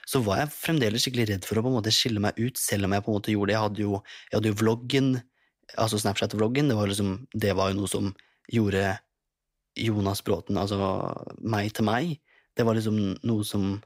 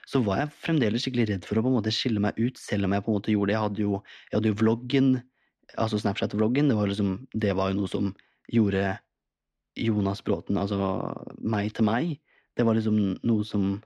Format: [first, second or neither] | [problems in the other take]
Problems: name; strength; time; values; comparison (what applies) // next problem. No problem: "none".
first | muffled; very slightly; fading above 3.5 kHz